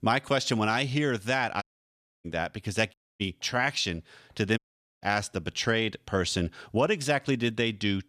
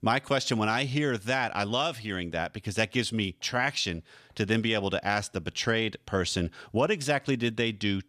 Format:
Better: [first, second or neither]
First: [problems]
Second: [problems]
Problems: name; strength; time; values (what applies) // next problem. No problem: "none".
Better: second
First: audio cutting out; at 1.5 s for 0.5 s, at 3 s and at 4.5 s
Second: none